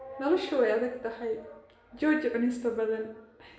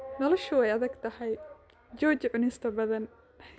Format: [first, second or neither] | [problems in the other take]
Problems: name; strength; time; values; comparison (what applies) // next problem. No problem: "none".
second | room echo; dies away in 0.7 s